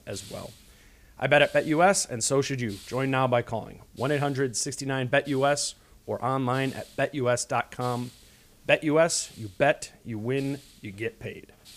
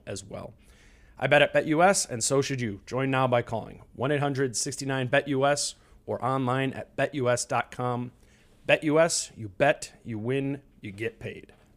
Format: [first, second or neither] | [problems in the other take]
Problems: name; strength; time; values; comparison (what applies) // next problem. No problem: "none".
second | hiss; faint; throughout; 25 dB below the speech